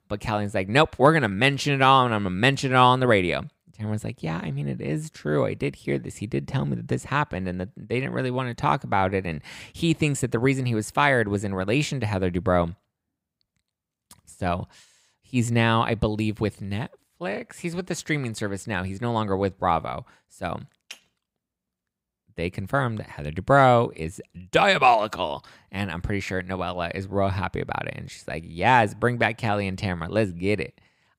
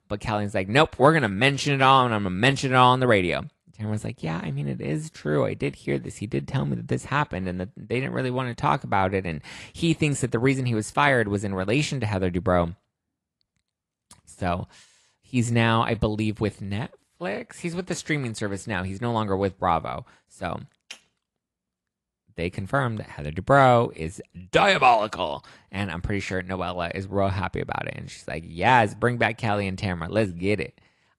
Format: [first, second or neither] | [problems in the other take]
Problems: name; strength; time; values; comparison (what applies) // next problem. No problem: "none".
first | garbled, watery; slightly